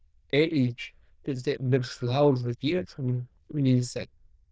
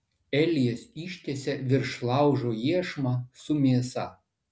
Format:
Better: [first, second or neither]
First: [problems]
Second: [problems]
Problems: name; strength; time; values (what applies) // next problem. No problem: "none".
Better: second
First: noise reduction (neural diffusion model UNIVERSE++)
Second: none